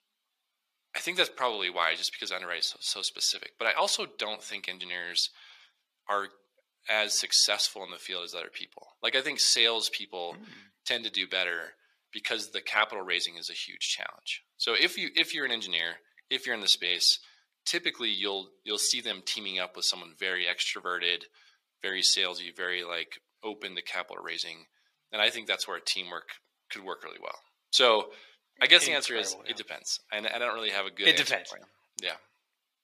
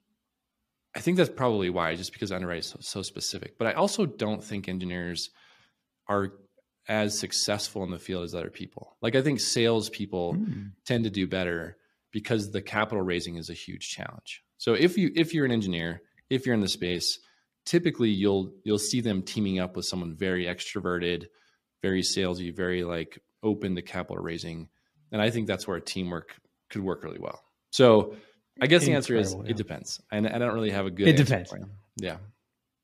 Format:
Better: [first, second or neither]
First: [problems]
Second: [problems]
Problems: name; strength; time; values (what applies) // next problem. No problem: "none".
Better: second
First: thin; very; fading below 800 Hz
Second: none